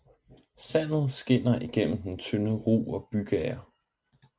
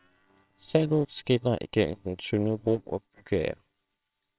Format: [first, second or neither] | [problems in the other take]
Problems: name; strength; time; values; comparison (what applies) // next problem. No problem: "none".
first | noise reduction (neural separator model SepFormer WHAMR!)